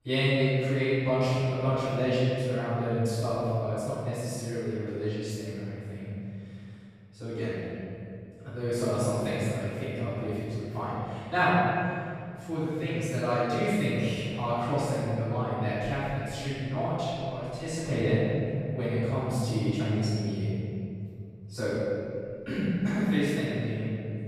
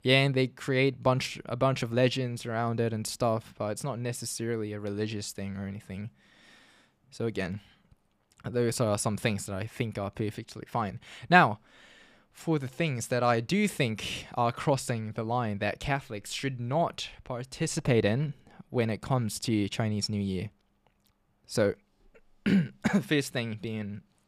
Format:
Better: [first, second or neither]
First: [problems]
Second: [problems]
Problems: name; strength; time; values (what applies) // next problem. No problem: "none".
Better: second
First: off-mic speech; far // room echo; strong; dies away in 2.6 s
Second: none